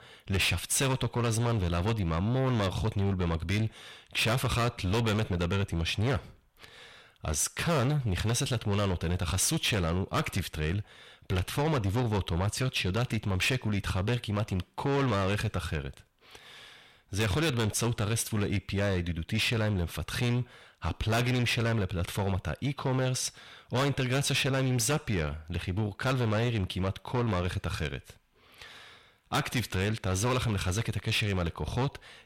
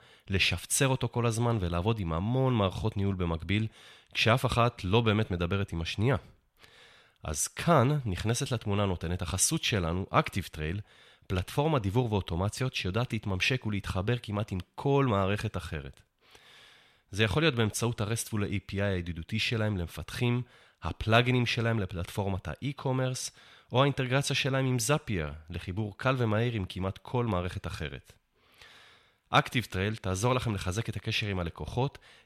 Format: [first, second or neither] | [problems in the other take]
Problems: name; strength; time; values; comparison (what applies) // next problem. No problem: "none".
second | distortion; heavy; 6 dB below the speech